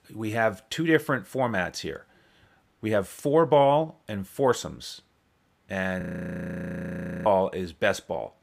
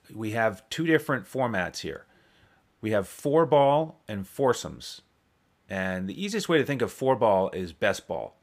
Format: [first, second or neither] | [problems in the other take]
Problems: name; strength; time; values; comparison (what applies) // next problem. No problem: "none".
second | audio freezing; at 6 s for 1.5 s